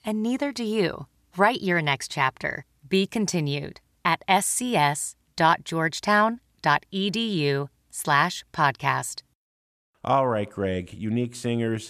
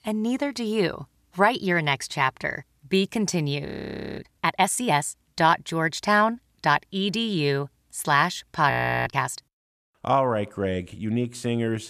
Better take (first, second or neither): first